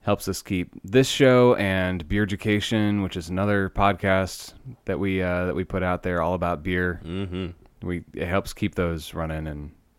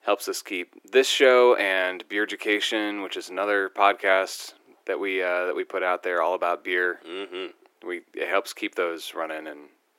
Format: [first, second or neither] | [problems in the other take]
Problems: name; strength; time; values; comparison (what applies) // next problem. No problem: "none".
first | thin; very; fading below 350 Hz